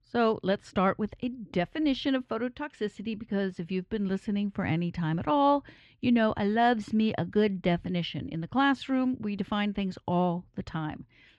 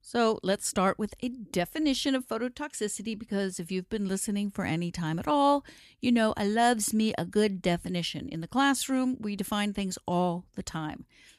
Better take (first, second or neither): second